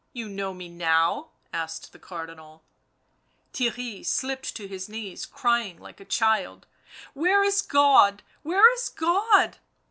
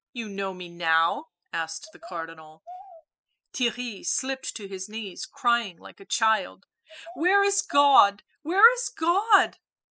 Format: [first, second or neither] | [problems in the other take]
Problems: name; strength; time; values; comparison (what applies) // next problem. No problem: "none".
first | noise reduction (classical method spectral subtraction)